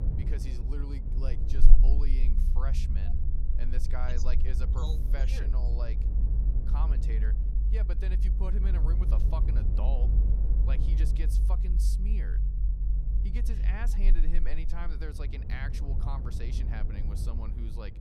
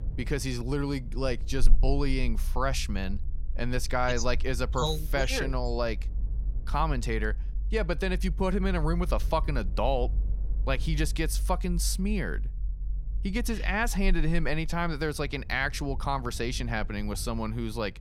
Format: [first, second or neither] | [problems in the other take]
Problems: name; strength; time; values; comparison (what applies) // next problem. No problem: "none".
second | low rumble; loud; throughout; 4 dB below the speech; faint in the second